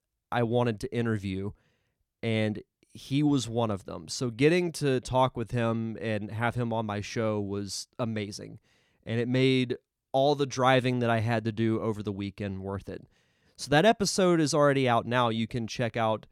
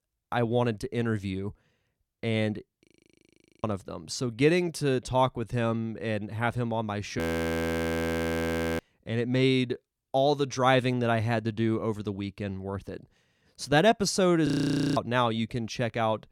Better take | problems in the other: first | audio freezing; at 3 s for 1 s, at 7 s for 1.5 s and at 14 s

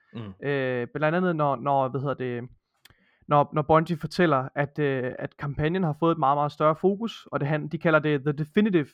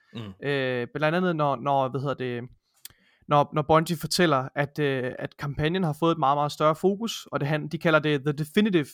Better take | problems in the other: second | muffled; slightly; fading above 4 kHz

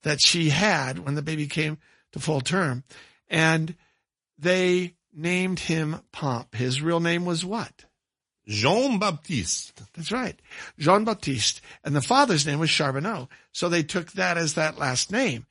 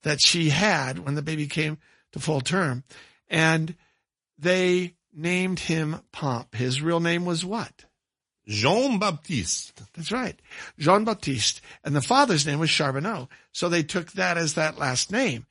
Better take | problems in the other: neither | garbled, watery; slightly; nothing above 10.5 kHz; the same in both

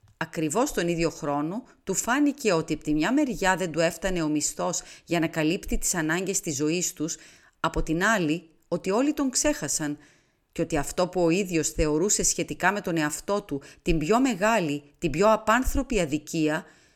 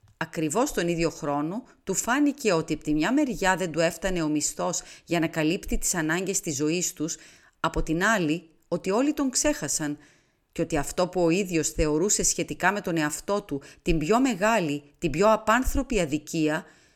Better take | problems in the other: neither | none

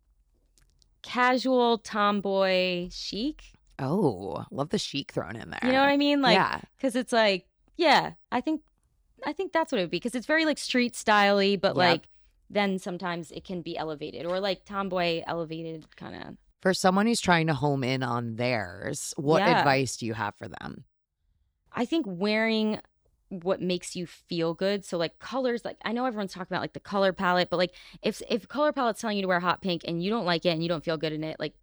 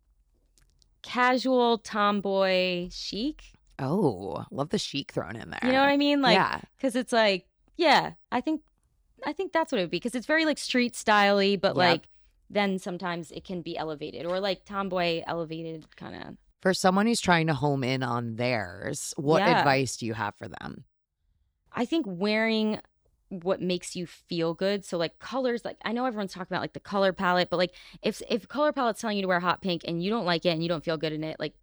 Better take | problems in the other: neither | none

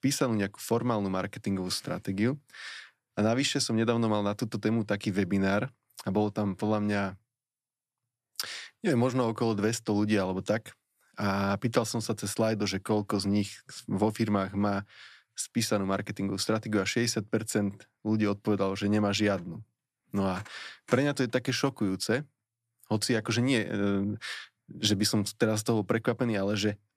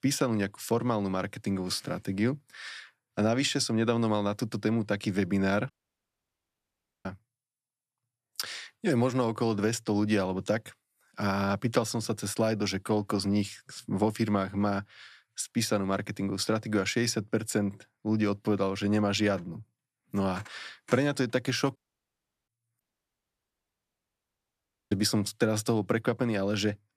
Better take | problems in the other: first | audio cutting out; at 5.5 s for 1.5 s, at 22 s for 0.5 s and at 23 s for 2 s

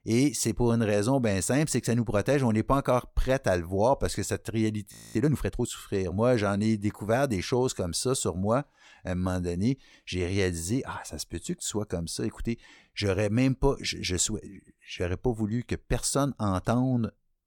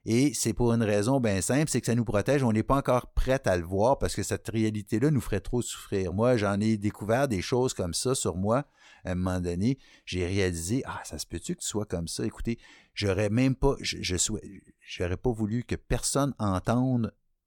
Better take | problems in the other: second | audio freezing; at 5 s

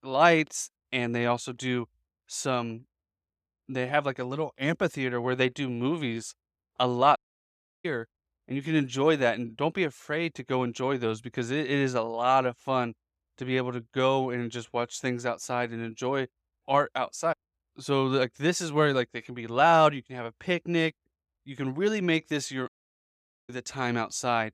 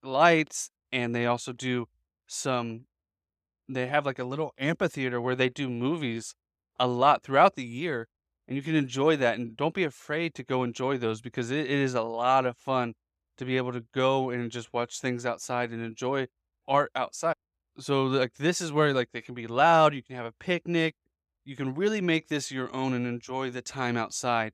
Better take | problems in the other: second | audio cutting out; at 7 s for 0.5 s and at 23 s for 1 s

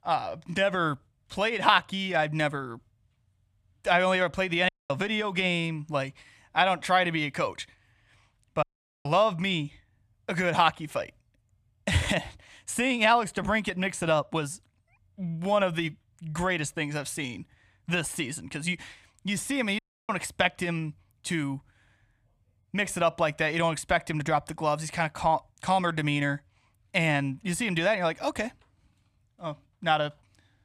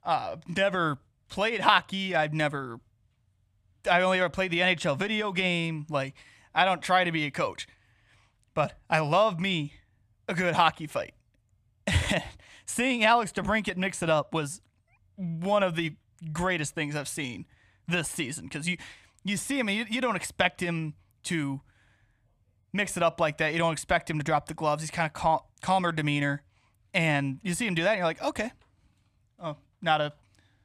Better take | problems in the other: second | audio cutting out; at 4.5 s, at 8.5 s and at 20 s

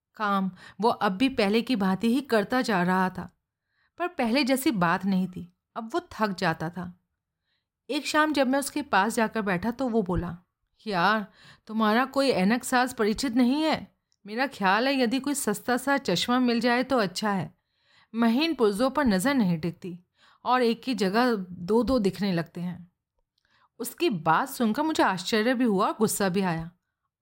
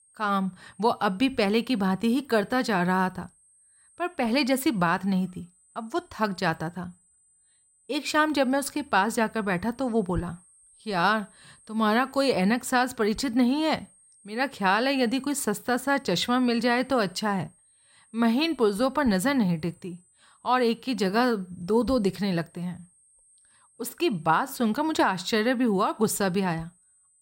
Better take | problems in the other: first | high-pitched whine; faint; throughout; 8.5 kHz, 30 dB below the speech

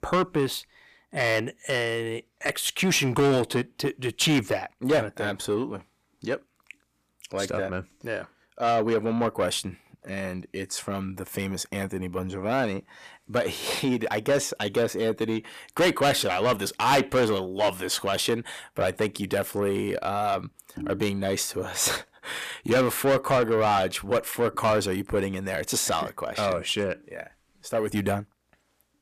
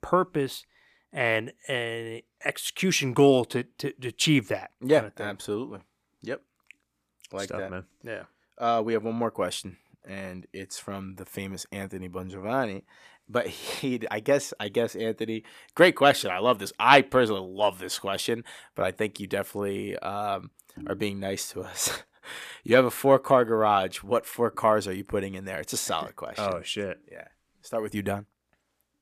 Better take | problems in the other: second | distortion; heavy; 6 dB below the speech

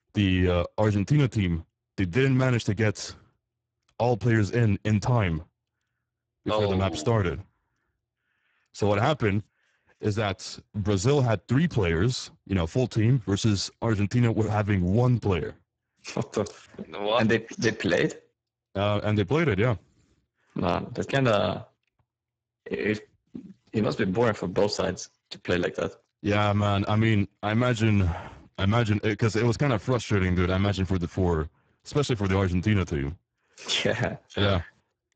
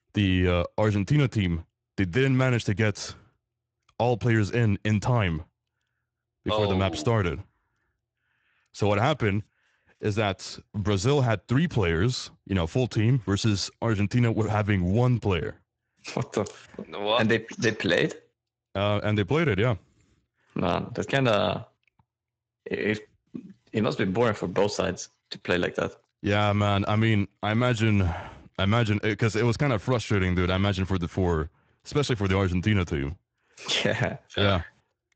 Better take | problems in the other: second | garbled, watery; badly; nothing above 7.5 kHz; slightly in the second

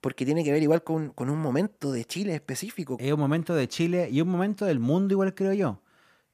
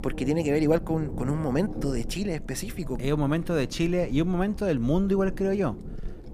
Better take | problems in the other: first | wind noise on the microphone; occasional gusts; 15 dB below the speech

